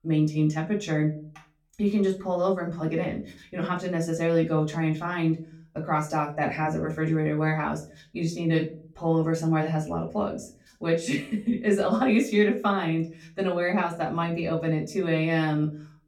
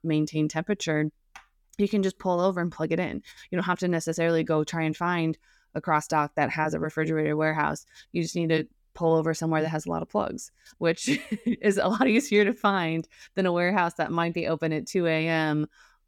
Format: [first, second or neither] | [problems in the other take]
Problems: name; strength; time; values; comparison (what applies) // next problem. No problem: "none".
second | room echo; very slight; dies away in 0.3 s // off-mic speech; far